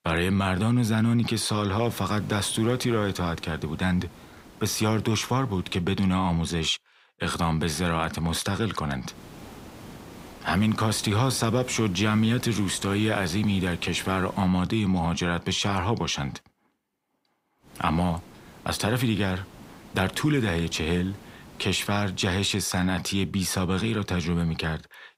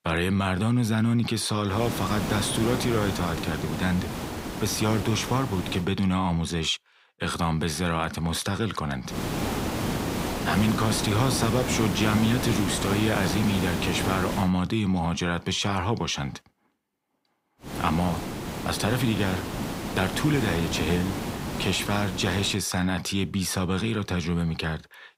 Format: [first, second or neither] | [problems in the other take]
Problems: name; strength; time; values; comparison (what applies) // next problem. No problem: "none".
first | hiss; loud; from 1.5 to 6 s, from 9 to 14 s and from 18 to 23 s; 5 dB below the speech; faint in the first